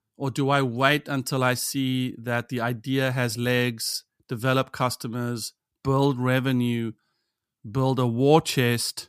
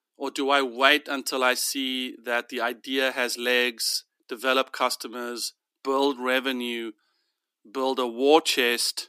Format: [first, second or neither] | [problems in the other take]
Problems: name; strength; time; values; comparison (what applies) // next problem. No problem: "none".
first | thin; somewhat; fading below 300 Hz